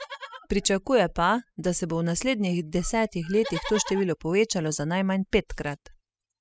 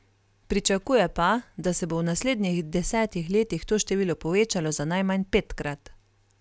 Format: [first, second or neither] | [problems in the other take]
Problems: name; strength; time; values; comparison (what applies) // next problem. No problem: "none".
second | noise reduction (classical method spectral subtraction)